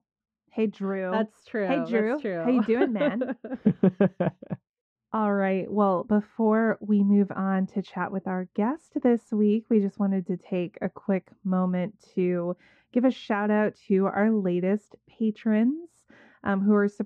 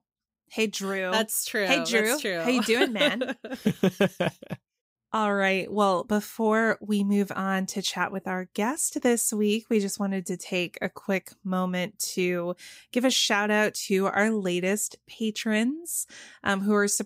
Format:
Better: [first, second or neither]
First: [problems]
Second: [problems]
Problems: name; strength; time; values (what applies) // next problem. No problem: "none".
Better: second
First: muffled; very; fading above 1 kHz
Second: none